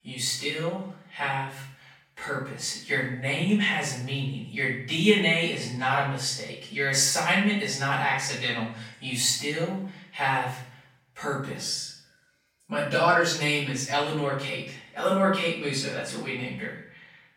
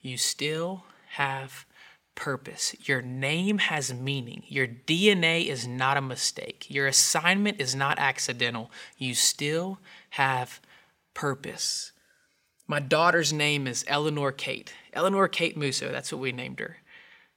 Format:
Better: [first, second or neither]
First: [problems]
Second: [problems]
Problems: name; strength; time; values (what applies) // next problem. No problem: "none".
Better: second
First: off-mic speech; far // room echo; noticeable; dies away in 0.6 s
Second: none